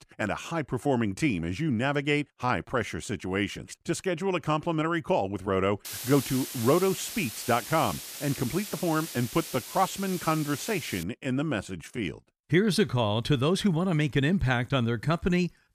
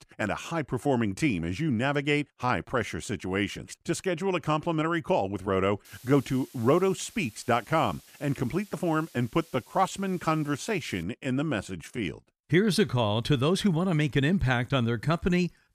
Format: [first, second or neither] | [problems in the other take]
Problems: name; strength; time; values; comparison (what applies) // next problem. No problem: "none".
second | hiss; loud; from 6 to 11 s; 9 dB below the speech; faint in the second